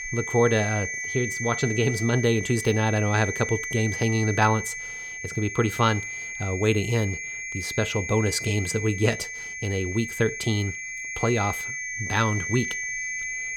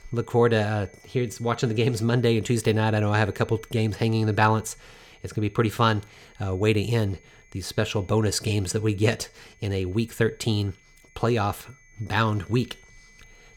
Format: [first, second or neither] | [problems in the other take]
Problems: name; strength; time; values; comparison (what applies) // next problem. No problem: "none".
second | high-pitched whine; loud; throughout; 2 kHz, 5 dB below the speech; faint in the second